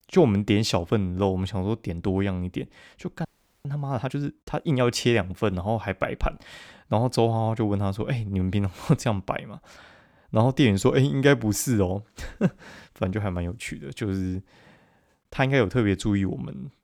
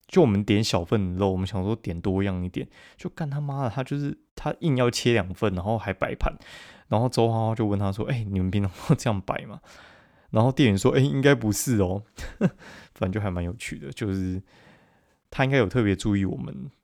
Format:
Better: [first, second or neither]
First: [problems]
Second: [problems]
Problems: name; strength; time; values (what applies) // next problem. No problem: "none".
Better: second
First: audio freezing; at 3.5 s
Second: none